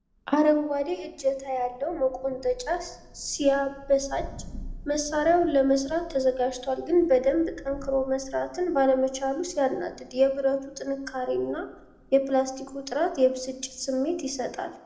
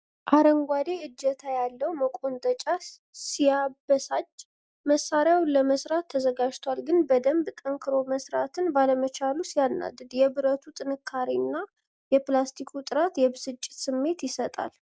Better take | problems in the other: second | background sound (Thunder); 19 dB below the speech // room echo; dies away in 0.7 s

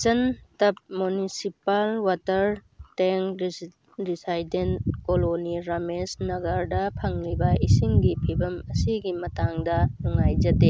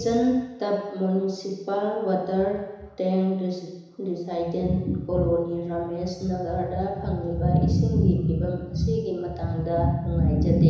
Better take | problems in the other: first | room echo; dies away in 1 s

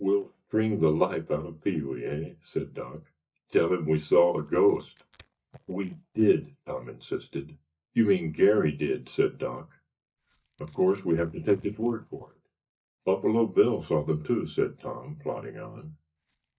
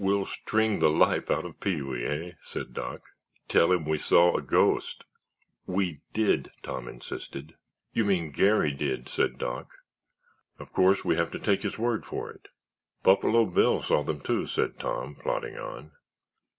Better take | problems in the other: second | noise reduction (neural mask model DeepFilterNet 3)

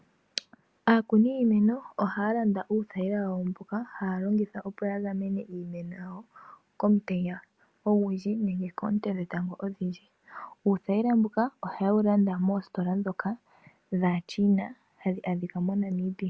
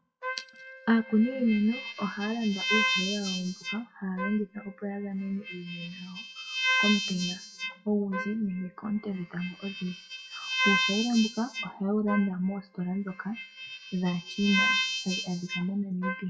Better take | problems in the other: first | noise reduction (classical method WPE with log-MMSE)

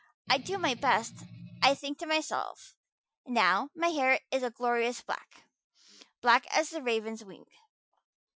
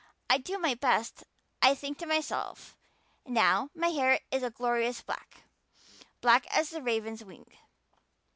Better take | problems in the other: second | noise reduction (classical method Wiener filter)

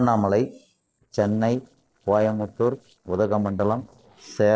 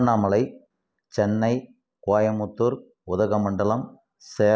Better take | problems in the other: second | noise reduction (neural separator model SepFormer DNS4)

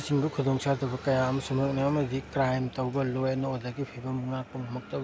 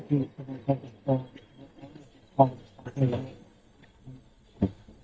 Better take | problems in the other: first | noise reduction (neural mask model DeepFilterNet 3)

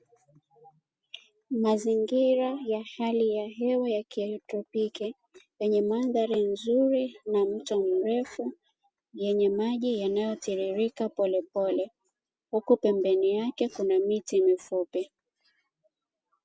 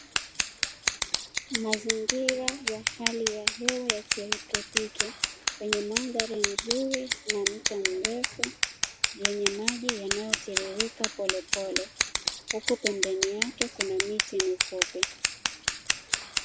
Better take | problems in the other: first | background sound (Scissors); 3 dB above the speech

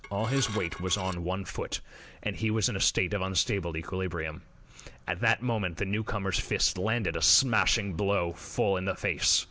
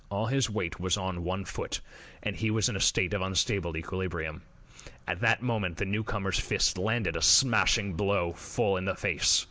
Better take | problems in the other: second | background sound (Dishes, pots, and pans / Glass); 12 dB below the speech

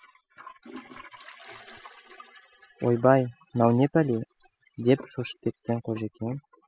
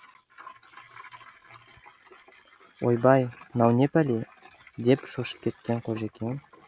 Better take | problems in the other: second | noise reduction (classical method spectral subtraction)

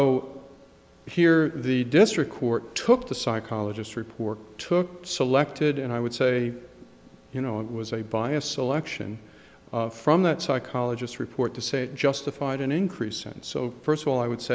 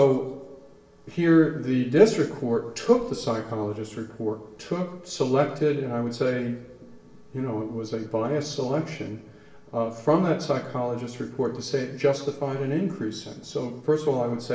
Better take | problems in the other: first | room echo; dies away in 0.8 s

